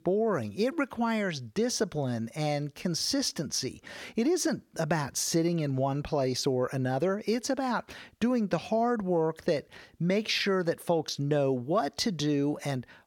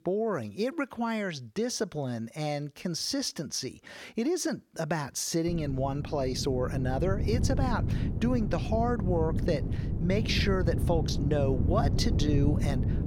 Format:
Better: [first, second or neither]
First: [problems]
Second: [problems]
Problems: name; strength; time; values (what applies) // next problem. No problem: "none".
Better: first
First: none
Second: wind noise on the microphone; heavy; from 5.5 s on; 8 dB below the speech